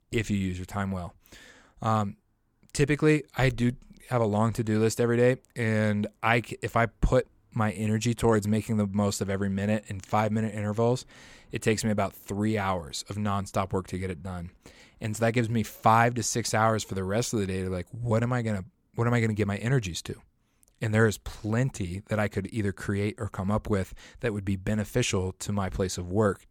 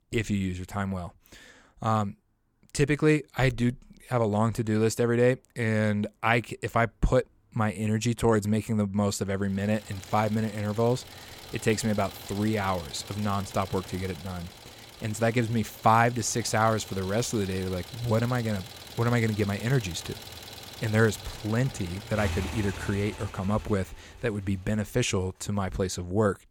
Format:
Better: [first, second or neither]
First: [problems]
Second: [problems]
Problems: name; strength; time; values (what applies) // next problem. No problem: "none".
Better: first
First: none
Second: traffic noise; noticeable; from 9.5 s on; 15 dB below the speech